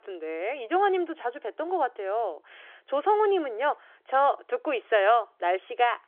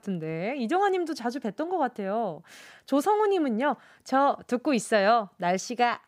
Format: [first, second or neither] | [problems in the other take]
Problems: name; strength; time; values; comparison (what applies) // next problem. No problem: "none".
second | phone-call audio